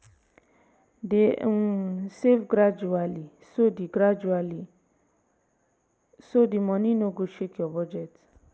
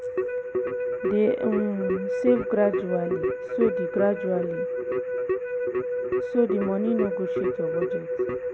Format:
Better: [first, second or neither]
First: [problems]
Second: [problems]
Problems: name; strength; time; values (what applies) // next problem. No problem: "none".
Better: first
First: none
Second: background sound (Keyboard (musical)); 1 dB above the speech